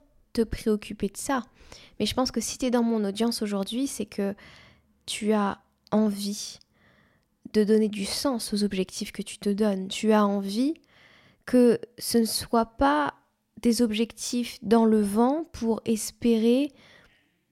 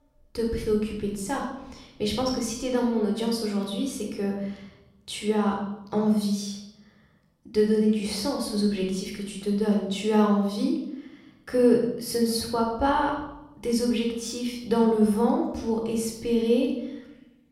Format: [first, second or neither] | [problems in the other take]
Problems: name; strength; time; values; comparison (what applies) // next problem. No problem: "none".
first | off-mic speech; somewhat distant // room echo; noticeable; dies away in 0.8 s